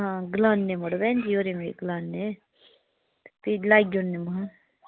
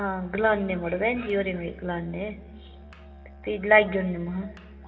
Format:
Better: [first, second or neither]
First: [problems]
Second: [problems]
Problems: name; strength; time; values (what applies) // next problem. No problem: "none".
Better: first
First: none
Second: background sound (Musical instrument); 19 dB below the speech // room echo; dies away in 2.1 s